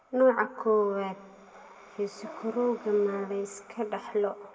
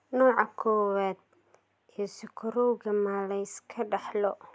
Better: second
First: background sound (Breathing); 20 dB below the speech // room echo; dies away in 1 s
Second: none

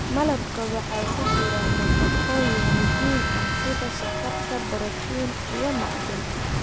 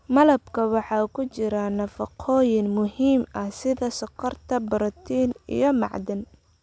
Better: second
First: background sound (Rain + Harmonica); 5 dB above the speech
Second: none

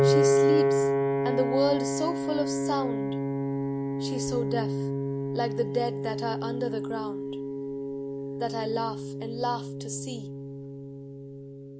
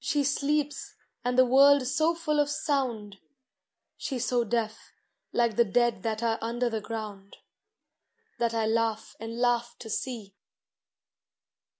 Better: second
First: background sound (Piano); 5 dB above the speech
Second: none

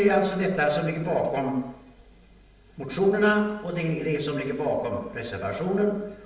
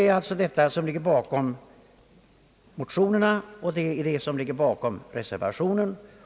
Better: second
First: room echo; dies away in 0.8 s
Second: none

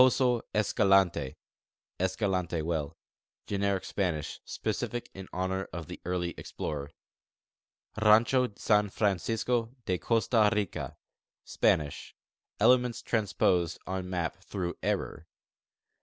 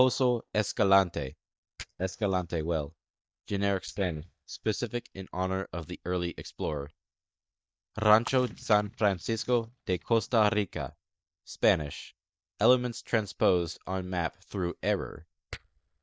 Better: first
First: none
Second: noise reduction (neural mask model DeepFilterNet 3)

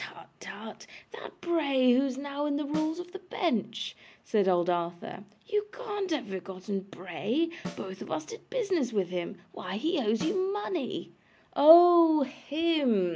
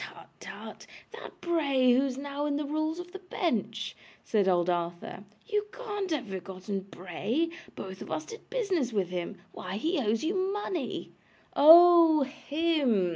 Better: second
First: background sound (Snare drum); 19 dB below the speech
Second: none

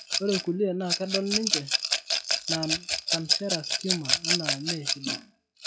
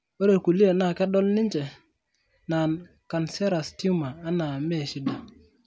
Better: second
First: noise reduction (classical method log-MMSE)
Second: none

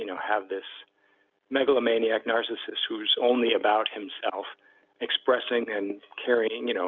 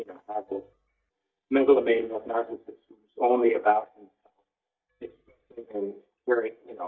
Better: first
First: none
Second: noise reduction (neural mask model DeepFilterNet 3)

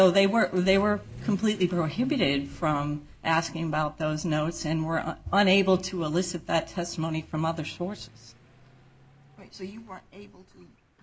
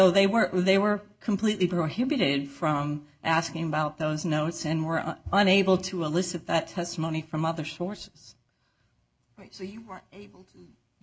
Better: second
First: background sound (Accelerating, revving, vroom / Vehicle); 20 dB below the speech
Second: none

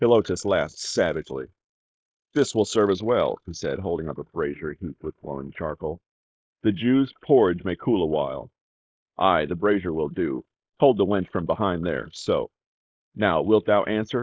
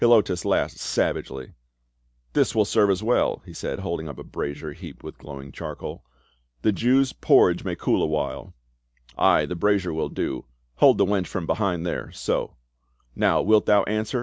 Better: second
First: noise reduction (neural mask model Resemble Enhance denoiser)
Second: none

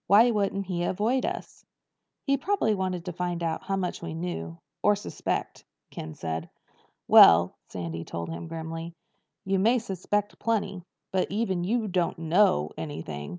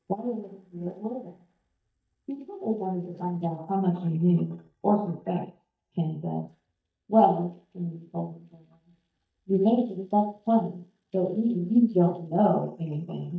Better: first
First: none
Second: noise reduction (neural mask model DeepFilterNet 3)

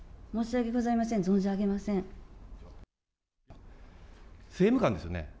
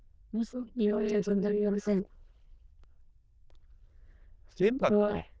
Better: first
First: none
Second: noise reduction (neural diffusion model UNIVERSE++)

